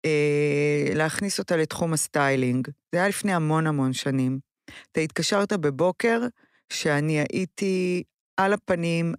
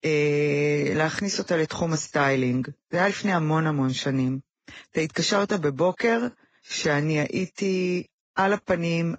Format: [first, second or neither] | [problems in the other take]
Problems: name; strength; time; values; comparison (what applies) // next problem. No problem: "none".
first | garbled, watery; badly; nothing above 7.5 kHz